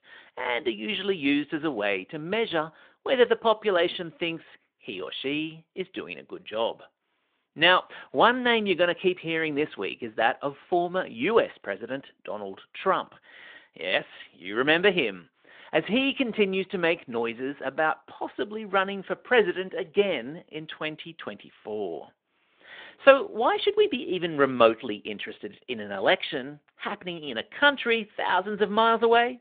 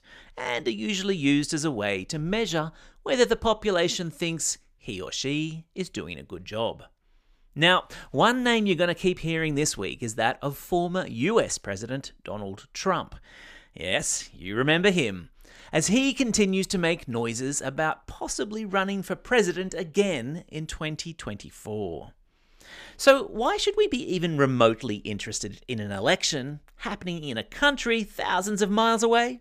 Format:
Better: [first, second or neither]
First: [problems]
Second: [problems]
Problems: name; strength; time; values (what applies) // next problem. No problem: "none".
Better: second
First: phone-call audio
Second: none